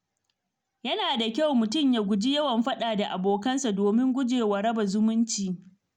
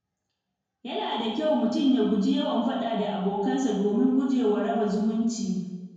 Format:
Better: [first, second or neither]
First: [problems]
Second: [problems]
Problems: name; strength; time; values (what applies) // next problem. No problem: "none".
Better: first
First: none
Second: room echo; dies away in 1.2 s